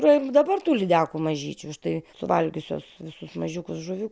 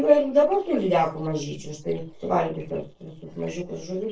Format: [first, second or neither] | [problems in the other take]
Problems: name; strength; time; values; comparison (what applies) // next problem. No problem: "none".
first | noise reduction (neural separator model SepFormer DNS4)